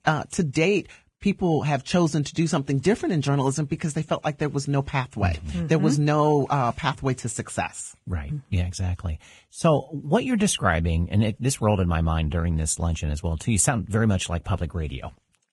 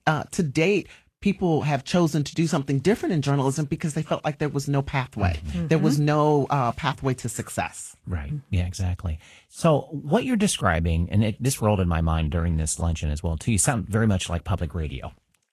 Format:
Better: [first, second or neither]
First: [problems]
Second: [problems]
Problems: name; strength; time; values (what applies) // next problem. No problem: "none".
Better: second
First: garbled, watery; badly; nothing above 10.5 kHz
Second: garbled, watery; slightly